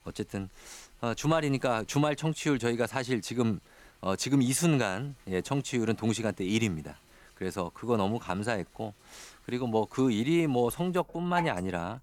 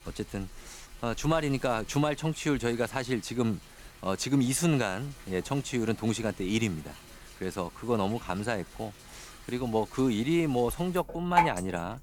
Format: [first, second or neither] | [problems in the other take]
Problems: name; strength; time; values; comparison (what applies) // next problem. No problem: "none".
first | rain or running water; loud; throughout; 10 dB below the speech; faint in the first